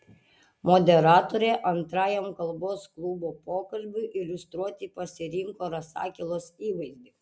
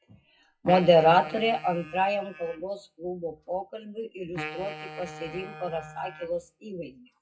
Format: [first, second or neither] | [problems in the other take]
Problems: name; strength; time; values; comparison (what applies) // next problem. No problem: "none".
first | noise reduction (classical method WPE with log-MMSE)